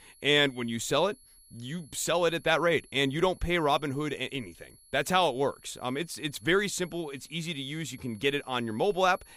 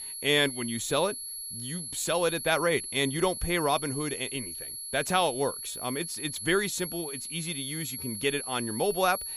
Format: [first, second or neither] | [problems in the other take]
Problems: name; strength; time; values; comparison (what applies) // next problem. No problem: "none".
first | high-pitched whine; loud; throughout; 11 kHz, 6 dB below the speech; faint in the first